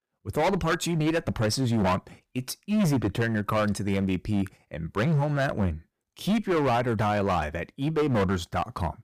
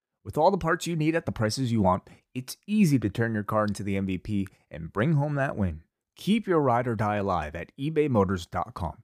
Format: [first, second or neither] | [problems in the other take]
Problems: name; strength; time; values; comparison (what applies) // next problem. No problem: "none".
second | distortion; heavy; 16% of the sound clipped